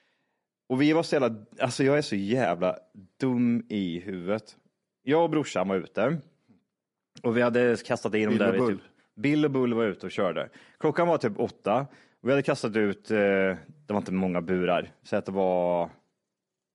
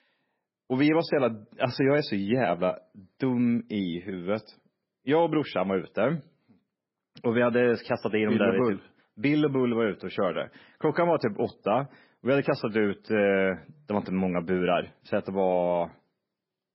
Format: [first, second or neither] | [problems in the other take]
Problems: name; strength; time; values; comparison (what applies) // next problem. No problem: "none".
first | garbled, watery; badly; nothing above 5.5 kHz; slightly in the first